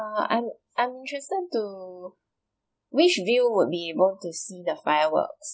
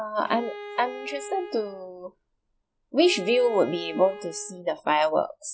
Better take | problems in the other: first | background sound (Bowed string instrument); 14 dB below the speech

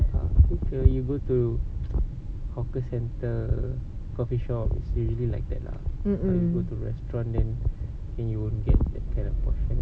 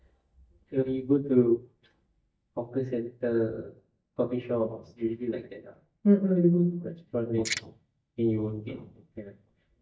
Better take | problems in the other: first | noise reduction (neural mask model DeepFilterNet 3)

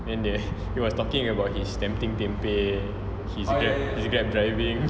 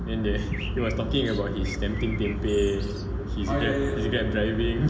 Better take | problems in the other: first | background sound (Bird); 18 dB below the speech // room echo; dies away in 0.4 s

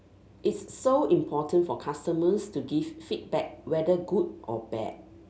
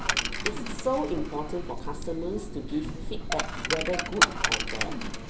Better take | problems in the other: first | background sound (Coin (dropping)); 3 dB above the speech // room echo; dies away in 0.6 s

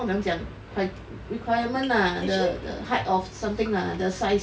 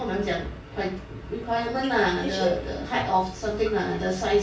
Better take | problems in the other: first | room echo; dies away in 0.3 s

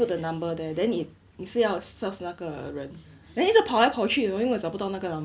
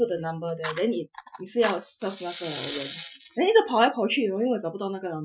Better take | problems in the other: first | noise reduction (classical method Wiener filter)

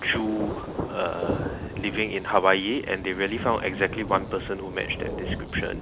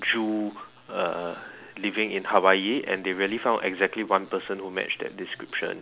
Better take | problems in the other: second | background sound (Thunder); 6 dB below the speech

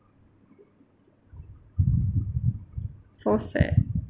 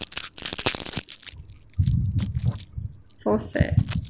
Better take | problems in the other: first | background sound (Packing tape, duct tape); 10 dB below the speech

